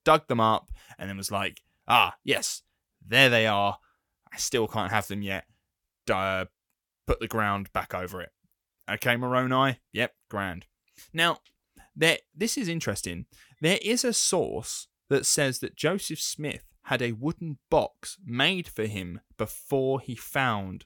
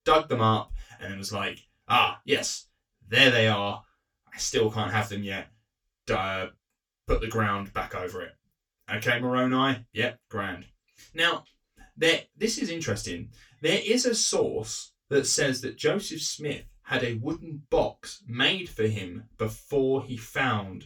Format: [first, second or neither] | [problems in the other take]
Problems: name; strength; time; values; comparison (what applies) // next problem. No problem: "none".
first | room echo; very slight; dies away in 0.2 s // off-mic speech; far